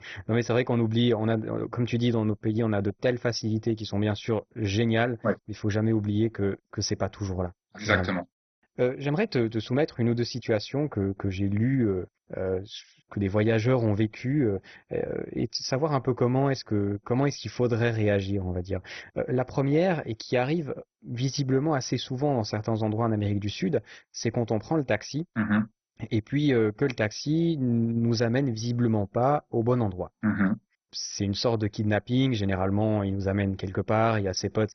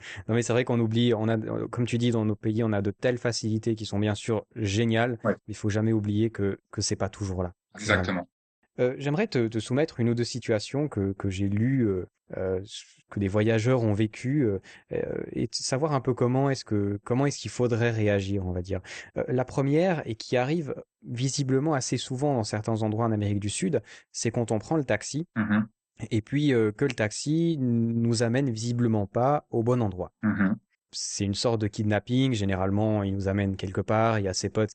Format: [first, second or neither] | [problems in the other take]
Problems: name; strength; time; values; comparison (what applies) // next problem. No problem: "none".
second | garbled, watery; badly; nothing above 6 kHz; slightly in the second